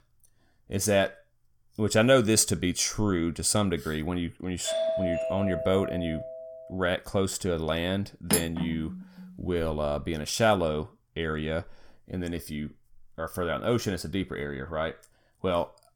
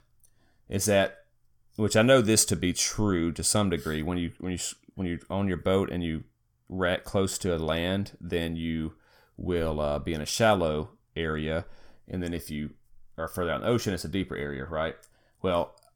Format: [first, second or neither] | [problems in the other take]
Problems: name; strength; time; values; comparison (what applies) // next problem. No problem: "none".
second | doorbell; loud; from 4.5 to 6.5 s; peak level with the speech // clattering dishes; loud; at 8.5 s; peak 1 dB above the speech